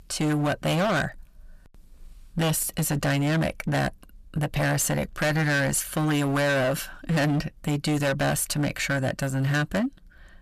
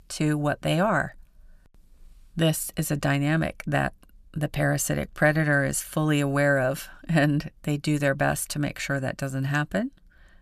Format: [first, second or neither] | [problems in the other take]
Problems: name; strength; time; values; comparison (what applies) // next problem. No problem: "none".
second | distortion; heavy; 19% of the sound clipped